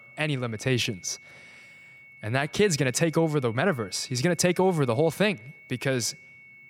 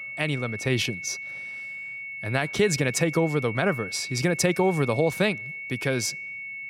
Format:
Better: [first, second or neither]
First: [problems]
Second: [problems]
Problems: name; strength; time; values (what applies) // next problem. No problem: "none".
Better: first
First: high-pitched whine; faint; throughout; 2 kHz, 20 dB below the speech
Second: high-pitched whine; loud; throughout; 2 kHz, 8 dB below the speech